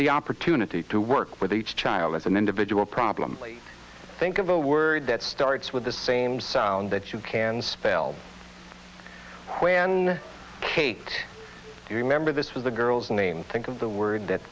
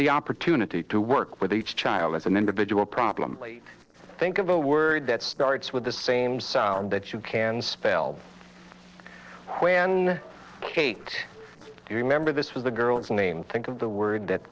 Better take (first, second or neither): first